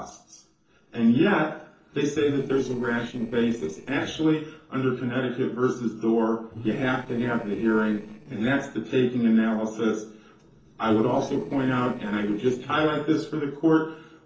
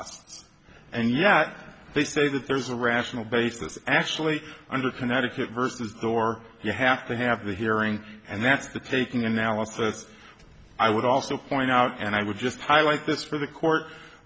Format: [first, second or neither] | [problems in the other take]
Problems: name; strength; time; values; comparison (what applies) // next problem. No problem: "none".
second | noise reduction (neural separator model SepFormer DNS4)